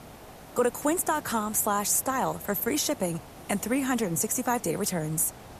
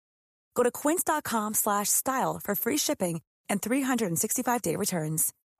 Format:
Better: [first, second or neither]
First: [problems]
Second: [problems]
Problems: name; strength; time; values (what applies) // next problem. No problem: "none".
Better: second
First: hiss; noticeable; throughout; 20 dB below the speech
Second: none